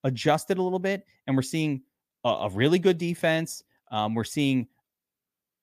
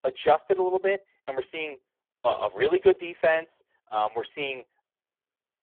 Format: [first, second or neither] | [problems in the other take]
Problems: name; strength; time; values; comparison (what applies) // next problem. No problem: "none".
first | phone-call audio; poor line